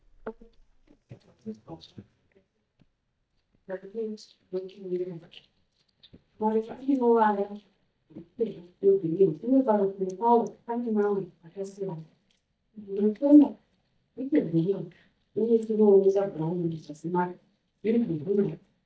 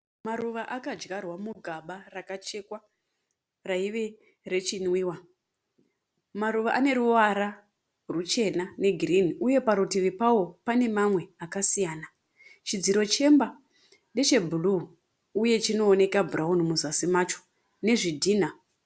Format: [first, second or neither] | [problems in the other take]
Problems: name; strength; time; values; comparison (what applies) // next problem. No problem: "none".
second | noise reduction (neural mask model DeepFilterNet 3)